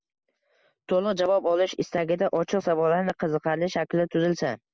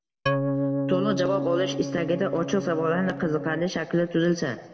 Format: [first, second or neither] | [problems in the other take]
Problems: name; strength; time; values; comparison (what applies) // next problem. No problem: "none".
first | background sound (Organ); 3 dB below the speech // room echo; dies away in 1.2 s